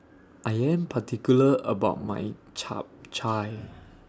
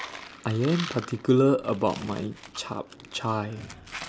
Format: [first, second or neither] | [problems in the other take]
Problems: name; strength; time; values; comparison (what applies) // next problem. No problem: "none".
first | background sound (Coin (dropping)); 15 dB below the speech